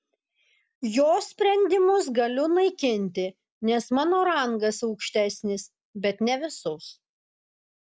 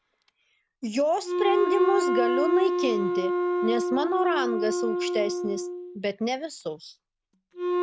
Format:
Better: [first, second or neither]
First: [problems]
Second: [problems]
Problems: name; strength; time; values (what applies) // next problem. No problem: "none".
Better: first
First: none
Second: background sound (Wind instrument, woodwind instrument); 1 dB above the speech